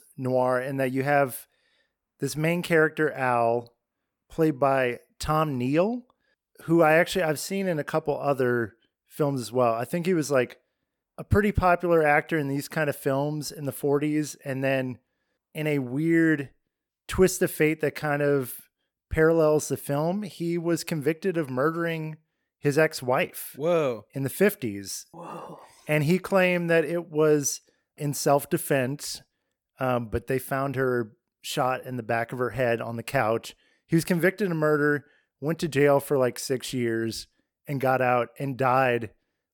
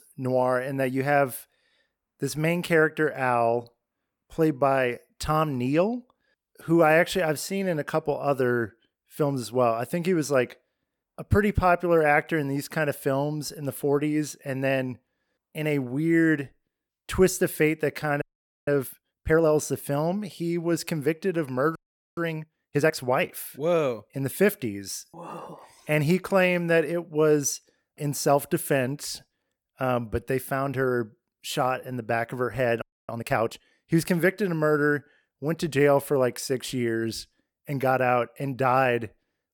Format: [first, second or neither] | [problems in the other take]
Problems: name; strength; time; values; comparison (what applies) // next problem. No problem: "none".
first | audio freezing; at 18 s, at 22 s and at 33 s